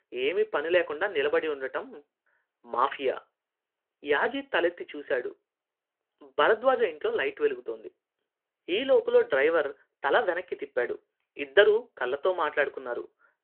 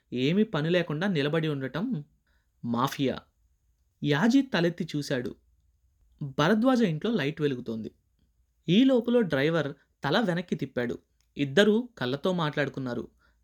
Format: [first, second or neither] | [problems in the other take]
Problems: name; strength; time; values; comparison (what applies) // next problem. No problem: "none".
second | phone-call audio